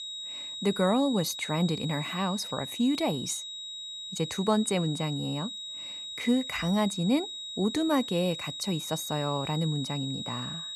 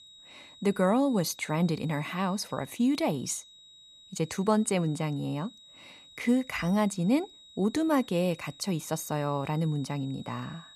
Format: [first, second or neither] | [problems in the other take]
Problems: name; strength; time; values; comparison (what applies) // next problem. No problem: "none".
second | high-pitched whine; loud; throughout; 4 kHz, 7 dB below the speech; faint in the second